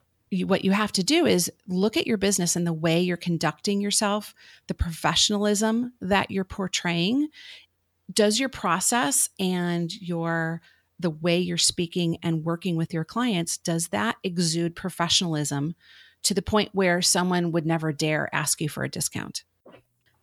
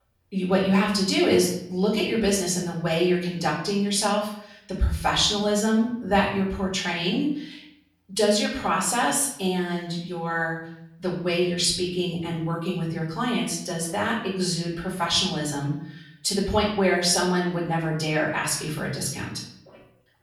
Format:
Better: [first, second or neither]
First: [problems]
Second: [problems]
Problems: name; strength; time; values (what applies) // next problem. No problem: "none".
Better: first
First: none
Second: off-mic speech; far // room echo; noticeable; dies away in 0.6 s